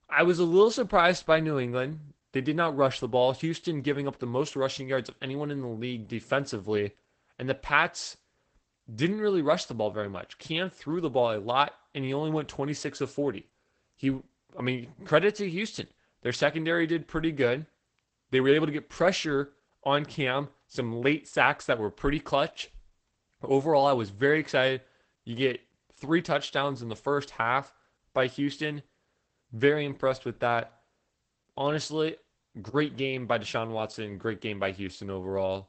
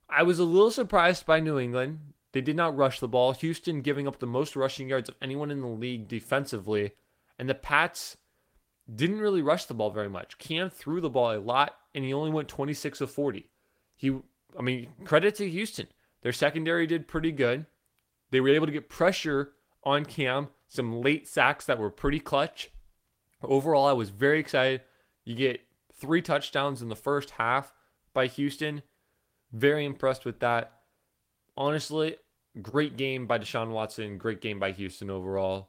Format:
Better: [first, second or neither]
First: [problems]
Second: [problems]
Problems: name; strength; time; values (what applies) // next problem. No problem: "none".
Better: second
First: garbled, watery; badly; nothing above 8 kHz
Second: garbled, watery; slightly; nothing above 16 kHz